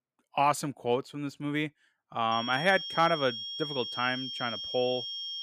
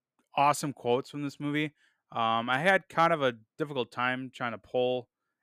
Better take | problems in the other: second | high-pitched whine; loud; from 2.5 s on; 3 kHz, 5 dB below the speech

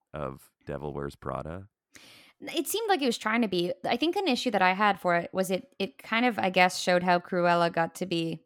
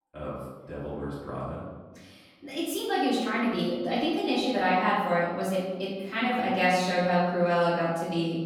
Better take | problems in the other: first | off-mic speech; far // room echo; noticeable; dies away in 1.2 s

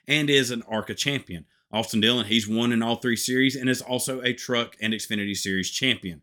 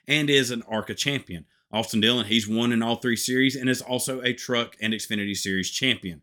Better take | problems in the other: neither | none

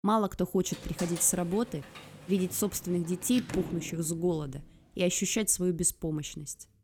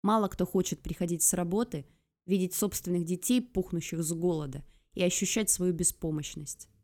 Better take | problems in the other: second | door banging; noticeable; from 0.5 to 4.5 s; peak 8 dB below the speech

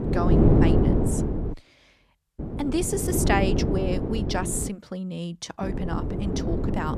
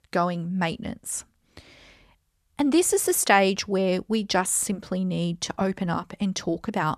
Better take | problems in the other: second | wind noise on the microphone; heavy; until 1.5 s, from 2.5 to 4.5 s and from 5.5 s on; as loud as the speech

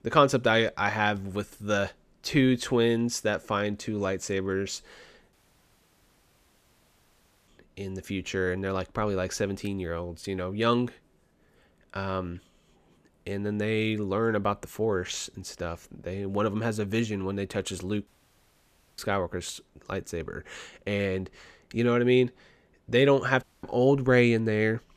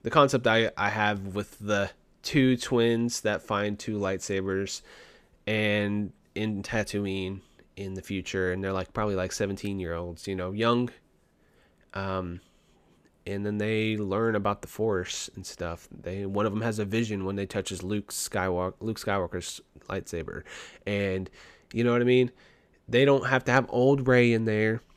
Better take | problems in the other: second | audio cutting out; at 5.5 s for 2 s, at 18 s for 1 s and at 23 s

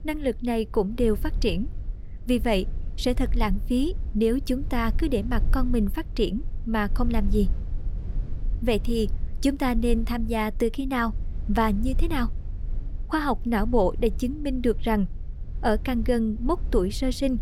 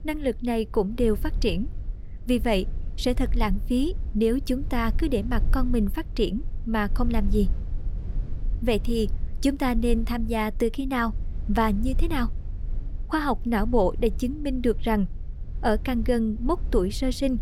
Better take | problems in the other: neither | low rumble; faint; throughout; 20 dB below the speech; the same in both

